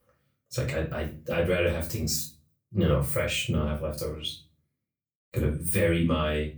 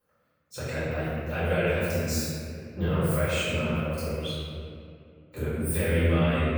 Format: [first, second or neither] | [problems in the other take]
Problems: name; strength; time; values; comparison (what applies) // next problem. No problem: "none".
first | room echo; strong; dies away in 2.3 s; slight in the first // off-mic speech; far; far in the first